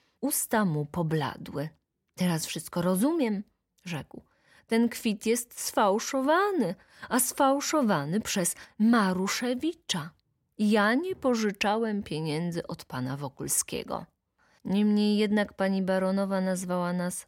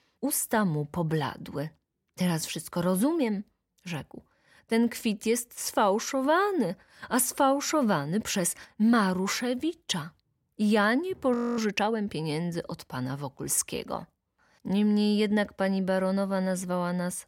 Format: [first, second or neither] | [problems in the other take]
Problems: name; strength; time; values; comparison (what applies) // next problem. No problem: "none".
first | audio freezing; at 11 s